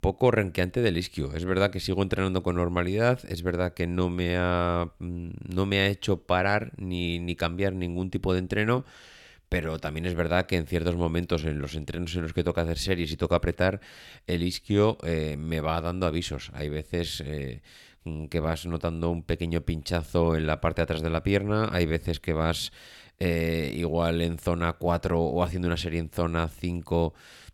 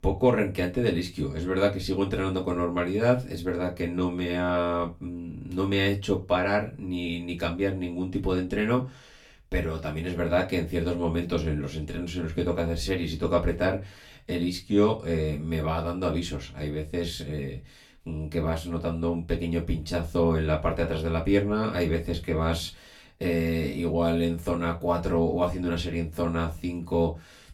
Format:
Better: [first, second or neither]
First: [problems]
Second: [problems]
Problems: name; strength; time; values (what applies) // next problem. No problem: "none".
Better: first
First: none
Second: off-mic speech; far // room echo; very slight; dies away in 0.2 s